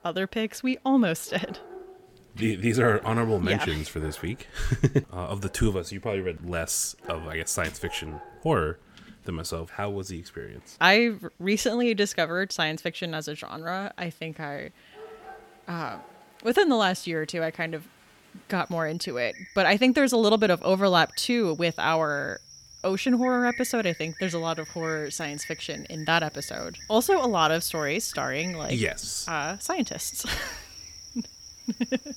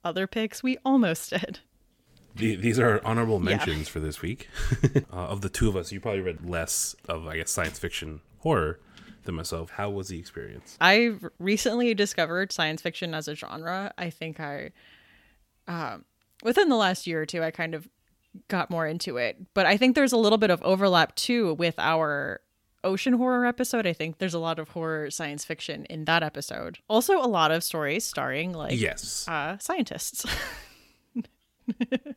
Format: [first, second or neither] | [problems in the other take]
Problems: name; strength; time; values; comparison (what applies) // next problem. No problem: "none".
second | animal sounds; noticeable; throughout; 15 dB below the speech